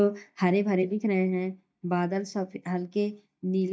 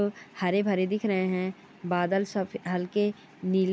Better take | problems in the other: second | noise reduction (neural mask model DeepFilterNet 3)

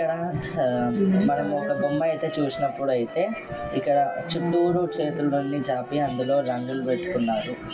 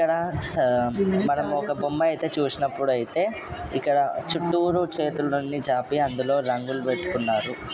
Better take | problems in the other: second | background sound (Wind instrument, woodwind instrument); 12 dB below the speech // room echo; dies away in 0.2 s

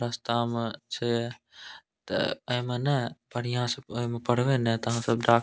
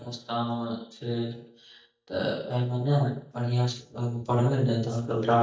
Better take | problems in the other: first | noise reduction (neural mask model DeepFilterNet 3)

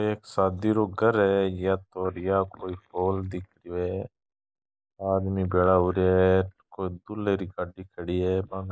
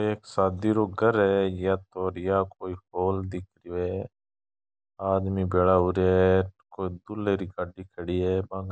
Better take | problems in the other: second | noise reduction (neural mask model Resemble Enhance denoiser)

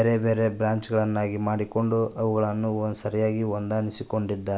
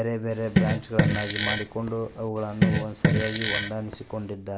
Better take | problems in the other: first | background sound (Fart); 4 dB above the speech

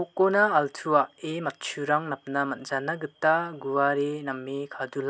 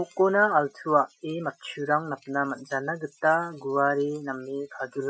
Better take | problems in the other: first | noise reduction (classical method Wiener filter)

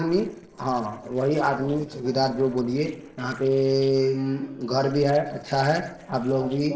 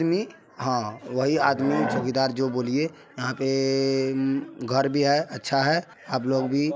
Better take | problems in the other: second | noise reduction (neural separator model SepFormer DNS4)

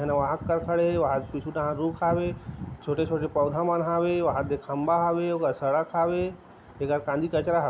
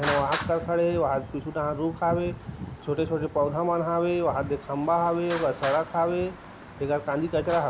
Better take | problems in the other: first | background sound (Traffic noise, roadway noise); 13 dB below the speech

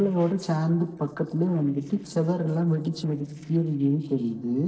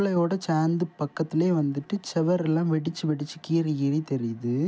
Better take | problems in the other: second | noise reduction (neural separator model SepFormer DNS4)

